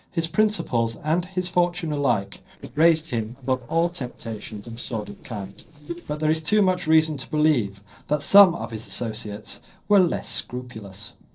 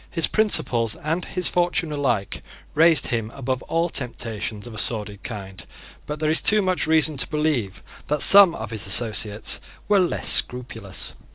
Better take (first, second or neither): second